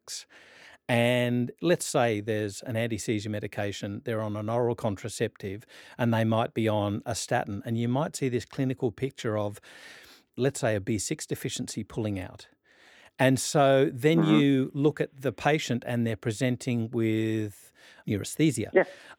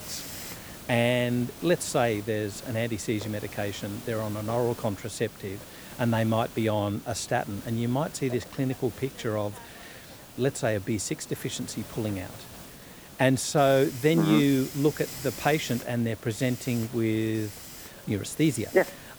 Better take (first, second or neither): first